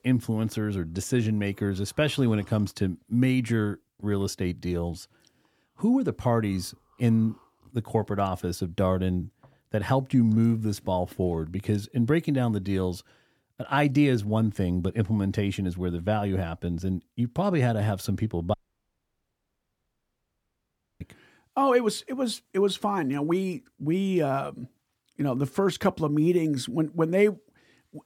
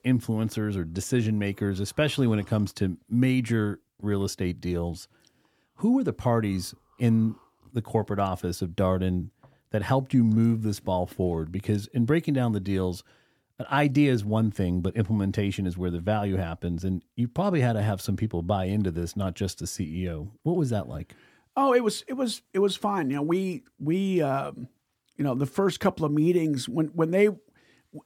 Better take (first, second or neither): second